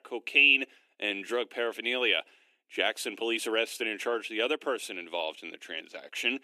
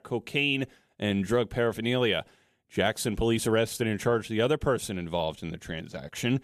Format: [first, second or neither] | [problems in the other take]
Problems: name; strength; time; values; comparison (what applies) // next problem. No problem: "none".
second | thin; somewhat; fading below 300 Hz